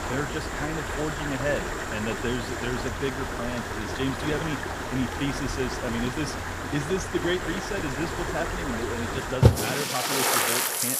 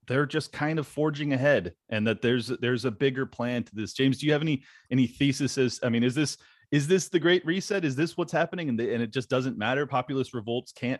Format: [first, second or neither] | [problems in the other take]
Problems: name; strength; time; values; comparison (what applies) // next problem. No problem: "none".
second | rain or running water; very loud; throughout; 3 dB above the speech